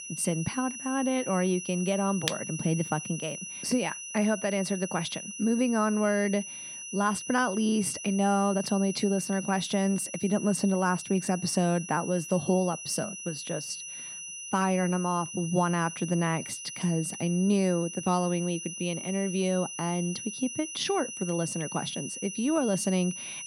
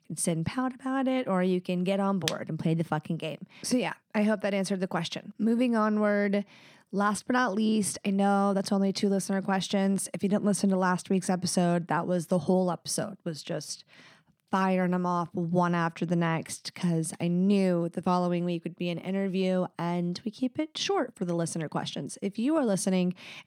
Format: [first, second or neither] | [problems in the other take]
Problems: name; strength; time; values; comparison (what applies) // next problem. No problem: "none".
second | high-pitched whine; loud; throughout; 6 kHz, 8 dB below the speech